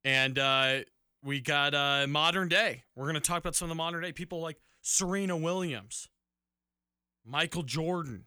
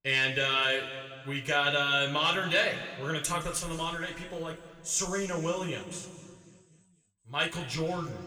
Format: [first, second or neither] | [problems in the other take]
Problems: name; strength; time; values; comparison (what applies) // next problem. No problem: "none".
first | room echo; slight; dies away in 2 s // off-mic speech; somewhat distant